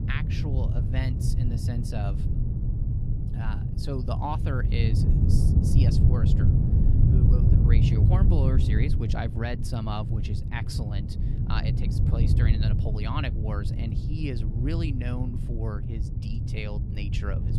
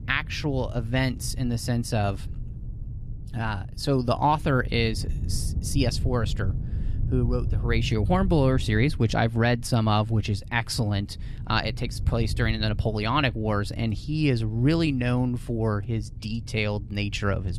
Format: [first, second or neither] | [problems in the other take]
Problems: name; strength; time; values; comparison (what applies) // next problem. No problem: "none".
second | wind noise on the microphone; heavy; 1 dB below the speech; occasional gusts in the second